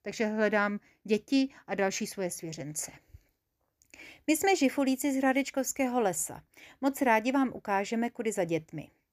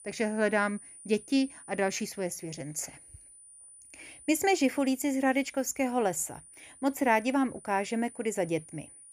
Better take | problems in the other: first | high-pitched whine; noticeable; throughout; 9.5 kHz, 20 dB below the speech

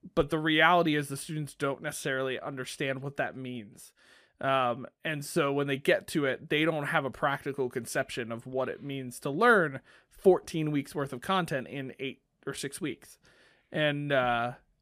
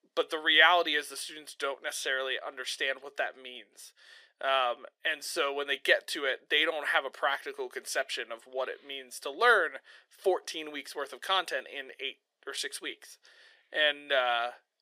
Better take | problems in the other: first | thin; very; fading below 450 Hz

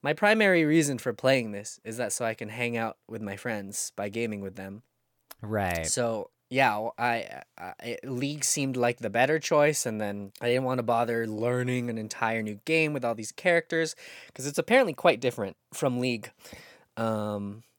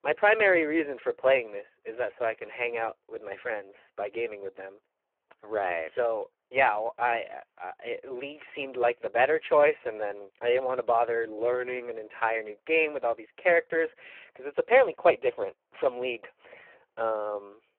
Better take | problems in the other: first | phone-call audio; poor line

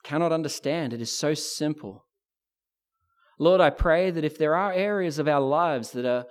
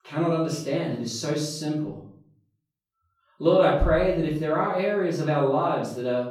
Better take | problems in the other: first | room echo; noticeable; dies away in 0.5 s // off-mic speech; far

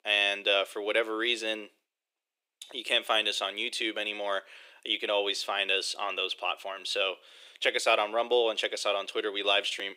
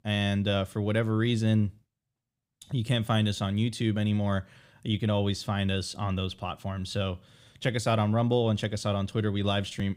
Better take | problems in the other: second | thin; very; fading below 350 Hz

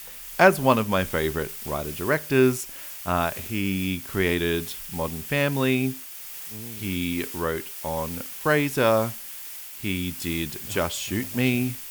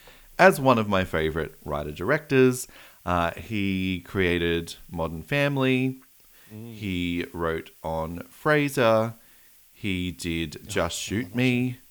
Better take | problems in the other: second | hiss; loud; throughout; 10 dB below the speech; faint in the second

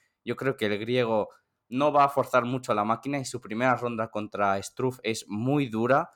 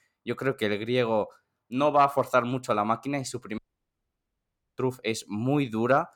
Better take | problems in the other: first | audio cutting out; at 3.5 s for 1 s

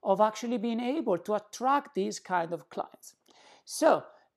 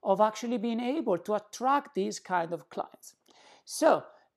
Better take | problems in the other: neither | none

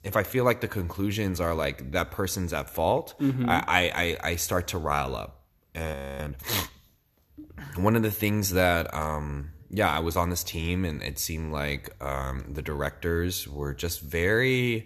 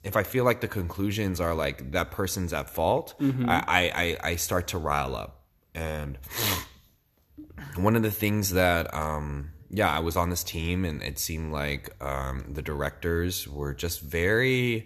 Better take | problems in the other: second | audio freezing; at 6 s

